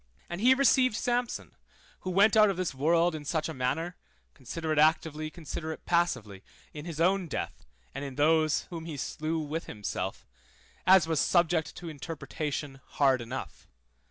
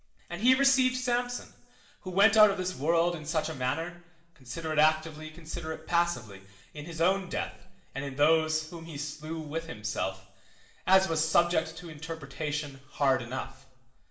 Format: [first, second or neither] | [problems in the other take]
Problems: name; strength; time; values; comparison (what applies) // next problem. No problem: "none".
first | room echo; dies away in 0.7 s